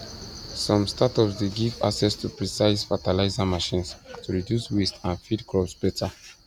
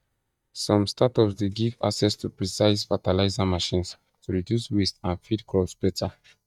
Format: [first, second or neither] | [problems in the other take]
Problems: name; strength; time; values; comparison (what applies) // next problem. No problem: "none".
first | noise reduction (neural mask model DeepFilterNet 3)